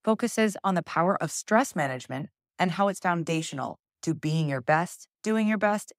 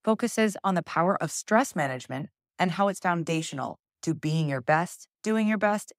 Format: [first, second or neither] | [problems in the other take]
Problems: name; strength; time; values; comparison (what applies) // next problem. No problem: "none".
neither | none